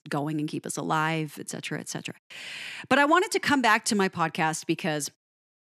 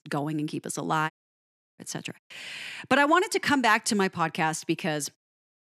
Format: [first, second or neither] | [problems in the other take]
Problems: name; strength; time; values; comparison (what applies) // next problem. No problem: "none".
first | audio cutting out; at 1 s for 0.5 s